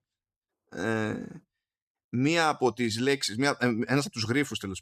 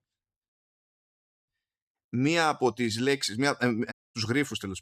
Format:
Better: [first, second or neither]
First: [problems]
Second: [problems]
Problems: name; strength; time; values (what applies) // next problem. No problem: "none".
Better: first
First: none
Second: audio cutting out; at 0.5 s for 1 s and at 4 s